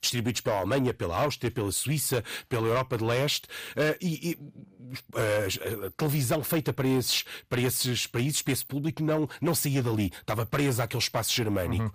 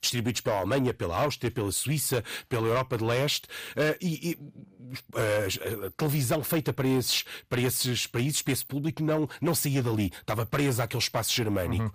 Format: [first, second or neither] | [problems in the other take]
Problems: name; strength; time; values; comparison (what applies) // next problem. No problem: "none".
neither | distortion; slight; 10 dB below the speech; the same in both